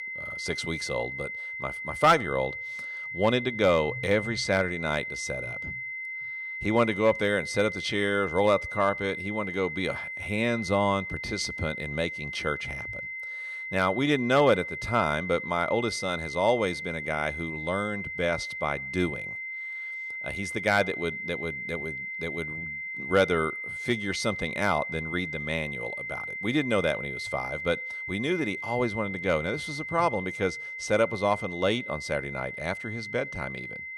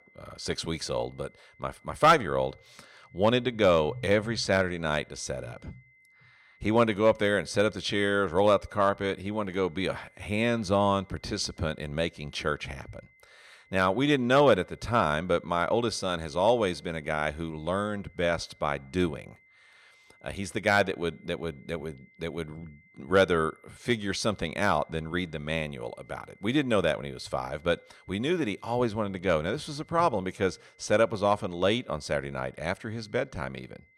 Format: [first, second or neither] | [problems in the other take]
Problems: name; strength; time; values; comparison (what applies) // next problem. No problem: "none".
second | high-pitched whine; loud; throughout; 2 kHz, 6 dB below the speech; faint in the second